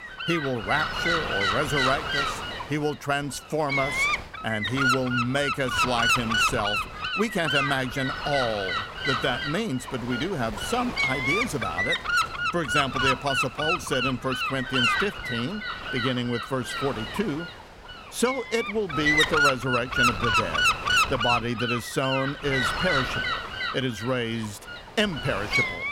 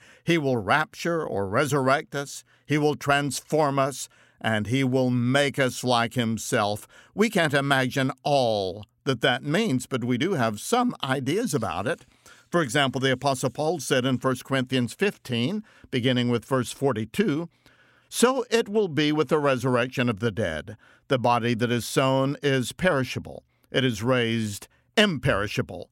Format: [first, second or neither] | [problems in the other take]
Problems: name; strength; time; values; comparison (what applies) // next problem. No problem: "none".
second | wind noise on the microphone; heavy; 5 dB above the speech